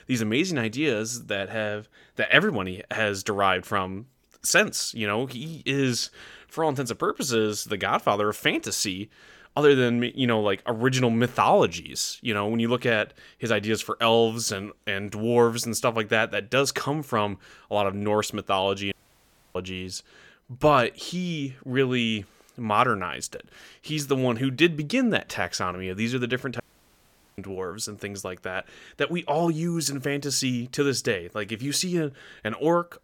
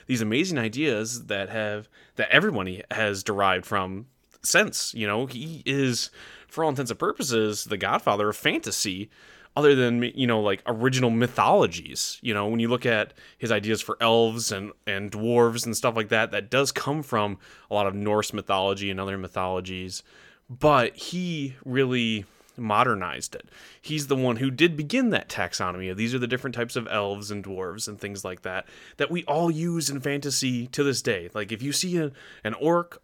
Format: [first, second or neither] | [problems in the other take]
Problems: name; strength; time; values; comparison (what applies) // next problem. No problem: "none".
second | audio cutting out; at 19 s for 0.5 s and at 27 s for 1 s